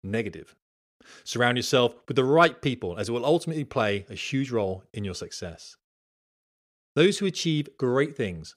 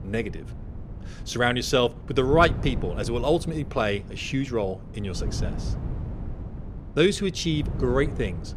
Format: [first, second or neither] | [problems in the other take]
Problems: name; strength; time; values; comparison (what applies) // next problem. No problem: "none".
first | wind noise on the microphone; occasional gusts; 20 dB below the speech